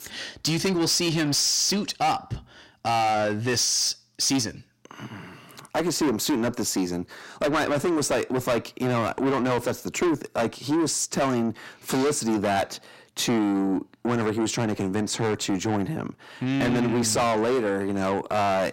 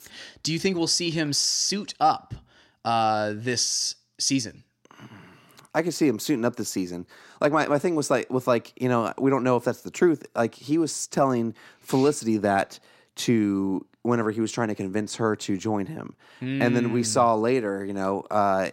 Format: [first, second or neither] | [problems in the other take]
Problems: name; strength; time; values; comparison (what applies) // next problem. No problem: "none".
second | distortion; heavy; 6 dB below the speech